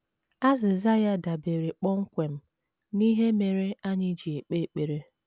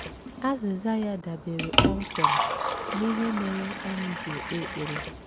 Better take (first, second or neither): first